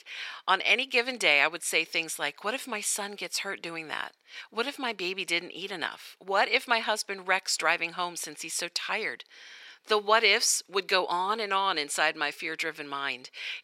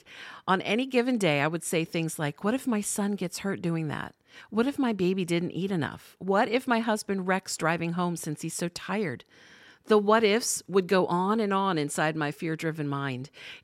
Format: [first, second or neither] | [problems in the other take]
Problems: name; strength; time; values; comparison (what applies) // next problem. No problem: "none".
second | thin; very; fading below 600 Hz